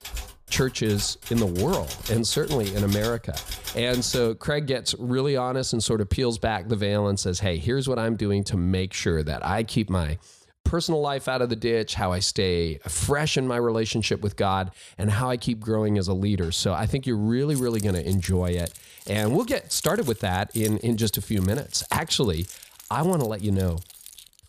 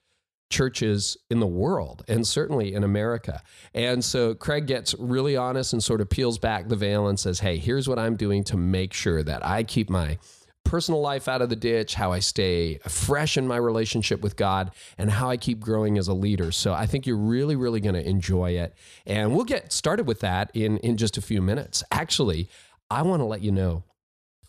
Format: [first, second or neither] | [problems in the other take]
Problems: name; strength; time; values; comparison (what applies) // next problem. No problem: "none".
second | keyboard typing; noticeable; until 4.5 s; peak 7 dB below the speech // jangling keys; noticeable; from 18 s on; peak 7 dB below the speech